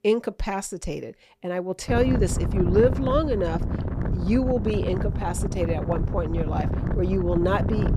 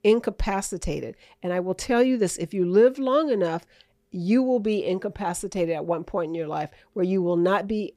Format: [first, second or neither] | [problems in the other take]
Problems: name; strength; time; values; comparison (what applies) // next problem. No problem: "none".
second | wind noise on the microphone; heavy; from 2 s on; 8 dB below the speech